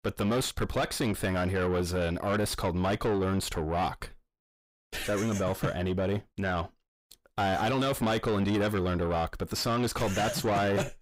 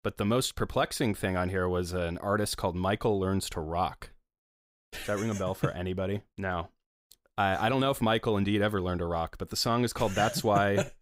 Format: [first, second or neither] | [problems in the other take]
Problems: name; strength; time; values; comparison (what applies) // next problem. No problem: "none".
second | distortion; heavy; 7 dB below the speech